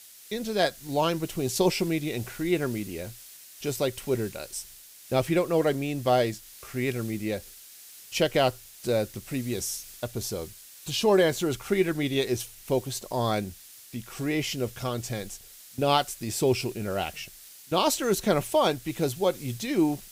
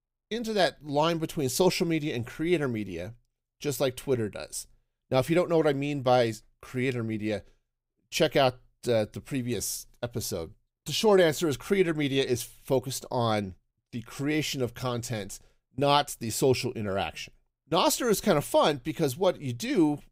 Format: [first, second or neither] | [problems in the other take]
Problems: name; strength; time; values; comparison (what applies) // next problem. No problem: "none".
second | hiss; noticeable; throughout; 15 dB below the speech